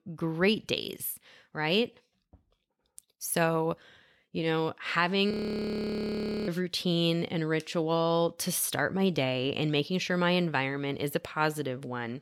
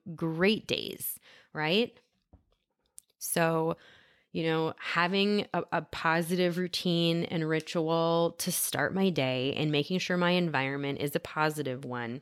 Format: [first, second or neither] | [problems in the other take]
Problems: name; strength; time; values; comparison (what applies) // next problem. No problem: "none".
second | audio freezing; at 5.5 s for 1 s